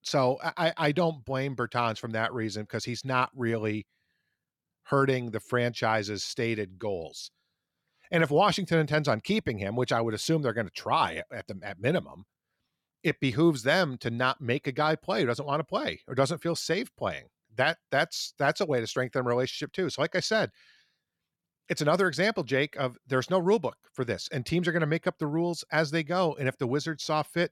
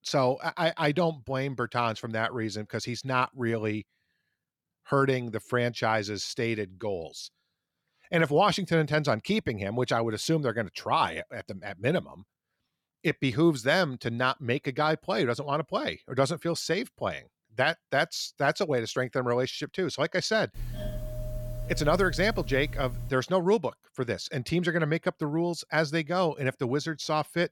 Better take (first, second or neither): first